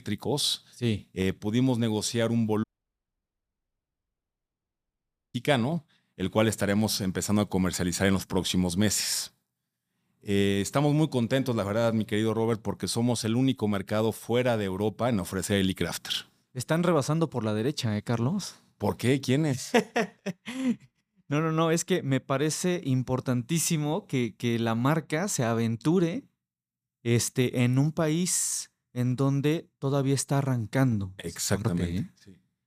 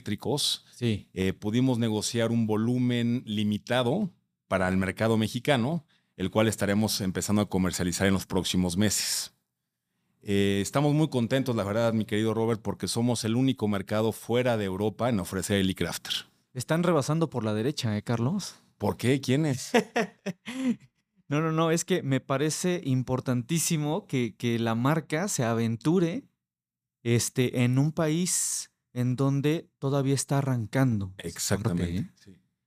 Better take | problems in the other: second | audio cutting out; at 2.5 s for 2.5 s

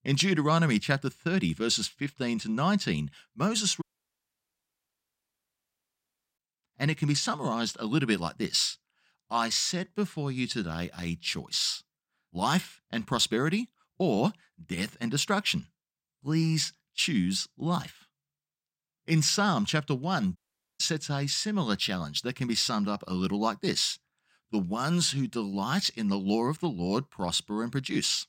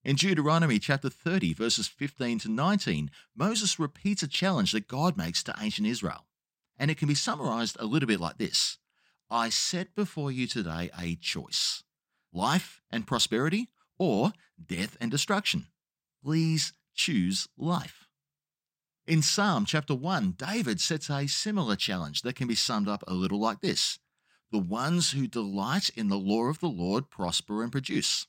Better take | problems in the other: second | audio cutting out; at 4 s for 2.5 s and at 20 s

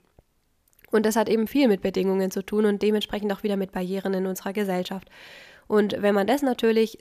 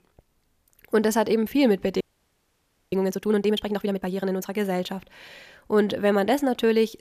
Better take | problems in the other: first | audio freezing; at 2 s for 1 s

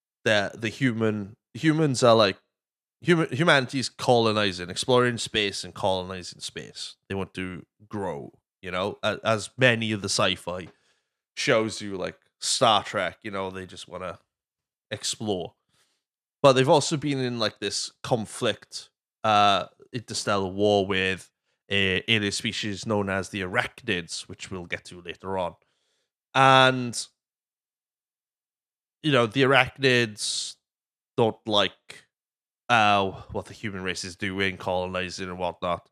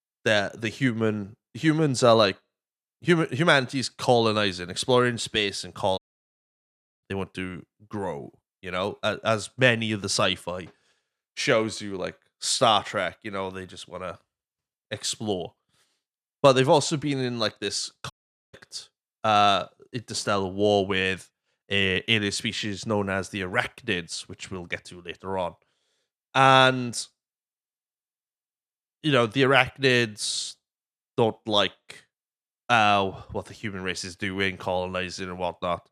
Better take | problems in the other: first | audio cutting out; at 6 s for 1 s and at 18 s

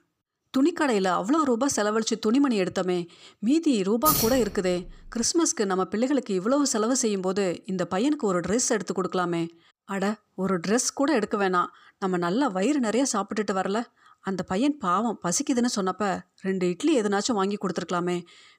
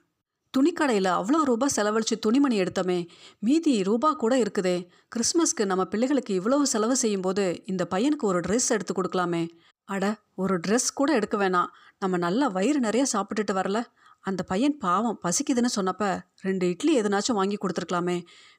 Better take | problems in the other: second | jangling keys; loud; at 4 s; peak 2 dB above the speech

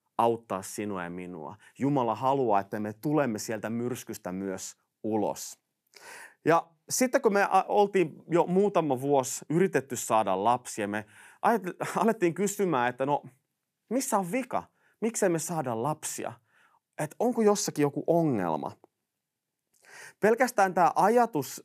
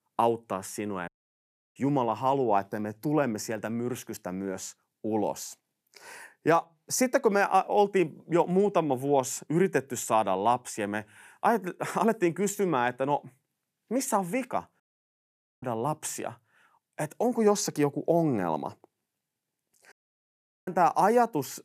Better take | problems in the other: first | audio cutting out; at 1 s for 0.5 s, at 15 s for 1 s and at 20 s for 1 s

